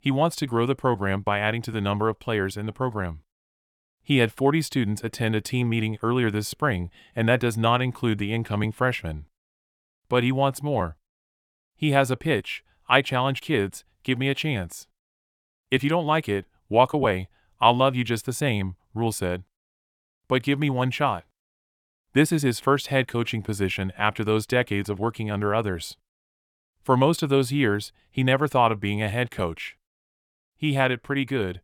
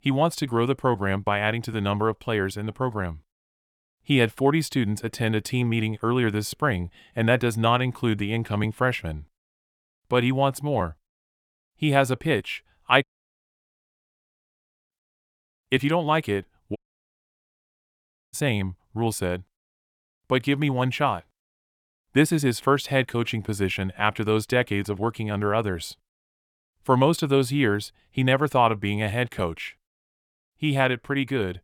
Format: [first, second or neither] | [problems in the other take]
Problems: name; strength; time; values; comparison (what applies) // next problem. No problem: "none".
first | audio cutting out; at 13 s for 2 s and at 17 s for 1.5 s